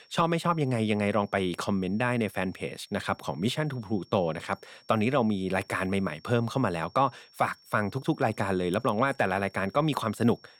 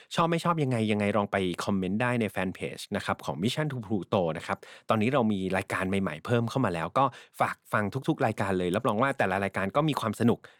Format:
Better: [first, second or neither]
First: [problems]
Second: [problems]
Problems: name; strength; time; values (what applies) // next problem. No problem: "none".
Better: second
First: high-pitched whine; faint; throughout; 5.5 kHz, 30 dB below the speech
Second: none